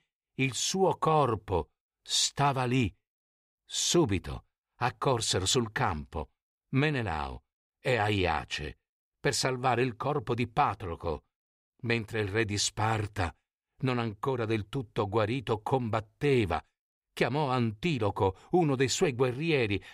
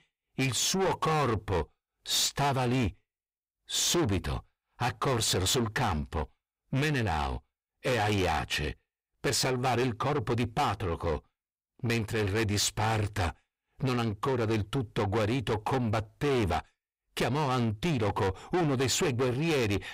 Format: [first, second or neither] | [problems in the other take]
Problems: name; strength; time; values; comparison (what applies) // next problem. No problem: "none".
first | distortion; heavy; 6 dB below the speech